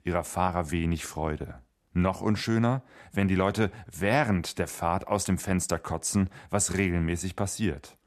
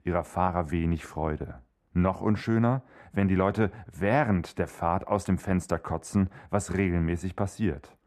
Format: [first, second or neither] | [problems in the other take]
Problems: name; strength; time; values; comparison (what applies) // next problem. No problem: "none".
first | muffled; slightly; fading above 2.5 kHz